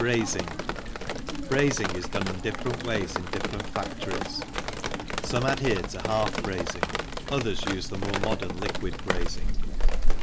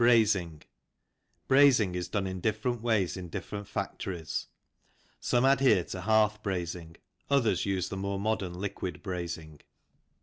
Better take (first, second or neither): second